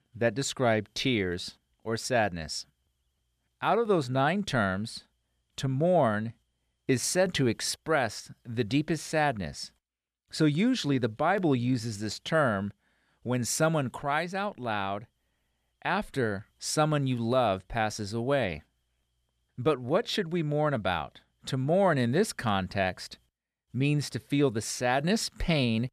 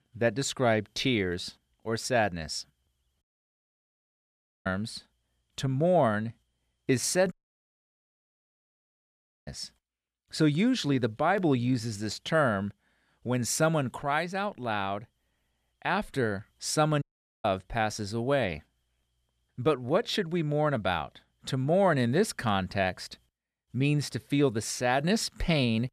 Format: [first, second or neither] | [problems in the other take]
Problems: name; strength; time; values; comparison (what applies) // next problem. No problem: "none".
first | audio cutting out; at 3 s for 1.5 s, at 7.5 s for 2 s and at 17 s